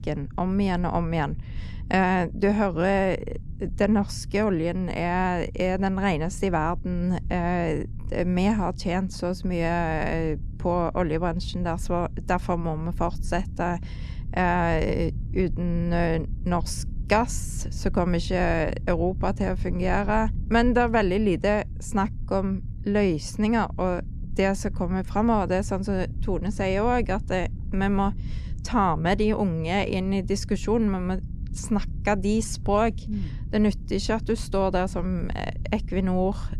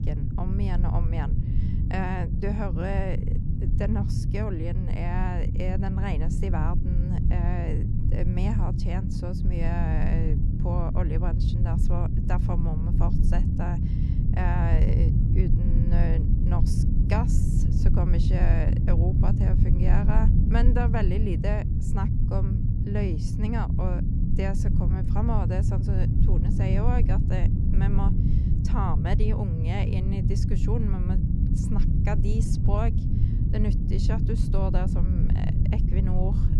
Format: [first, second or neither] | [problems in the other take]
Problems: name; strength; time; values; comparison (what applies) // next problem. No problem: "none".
first | low rumble; loud; throughout; 2 dB below the speech; faint in the first